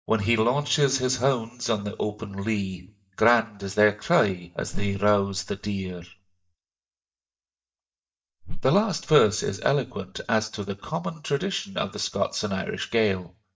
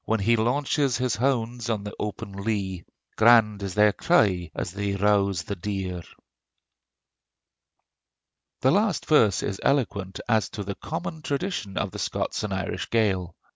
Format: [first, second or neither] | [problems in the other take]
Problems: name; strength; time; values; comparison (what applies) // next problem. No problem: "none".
second | noise reduction (neural mask model DeepFilterNet 3)